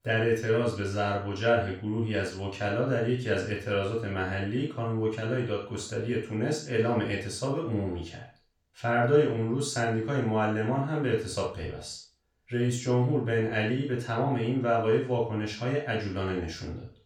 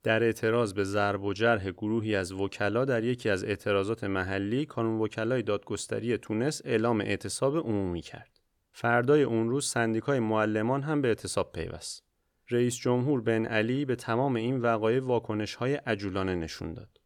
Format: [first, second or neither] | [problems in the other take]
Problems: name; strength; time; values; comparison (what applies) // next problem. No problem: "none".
second | room echo; noticeable; dies away in 0.3 s // off-mic speech; far